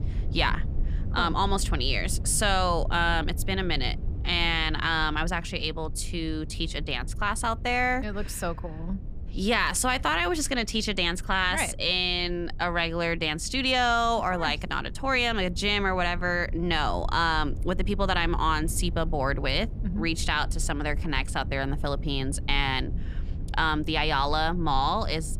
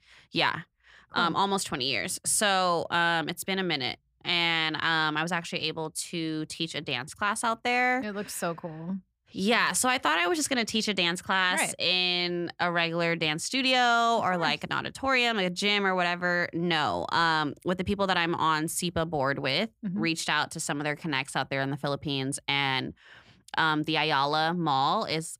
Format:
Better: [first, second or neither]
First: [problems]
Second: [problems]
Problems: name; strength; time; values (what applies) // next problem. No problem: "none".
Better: second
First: low rumble; faint; throughout; 25 dB below the speech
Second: none